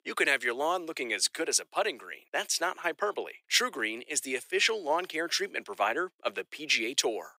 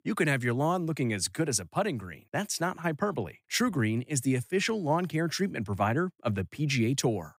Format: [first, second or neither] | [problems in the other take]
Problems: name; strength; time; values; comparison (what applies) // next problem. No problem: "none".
second | thin; very; fading below 400 Hz